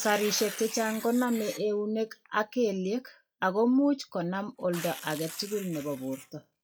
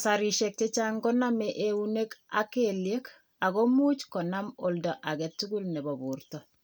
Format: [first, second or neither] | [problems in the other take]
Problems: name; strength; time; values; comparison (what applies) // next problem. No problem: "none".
second | noise reduction (classical method log-MMSE)